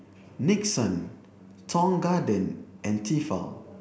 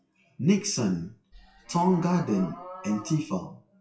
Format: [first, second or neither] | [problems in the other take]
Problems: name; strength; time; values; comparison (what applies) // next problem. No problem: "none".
first | noise reduction (classical method WPE with log-MMSE)